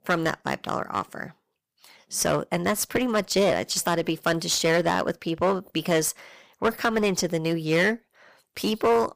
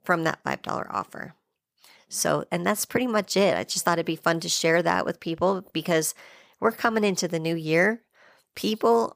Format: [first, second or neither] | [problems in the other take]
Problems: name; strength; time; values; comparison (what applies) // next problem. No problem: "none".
second | distortion; slight; 7% of the sound clipped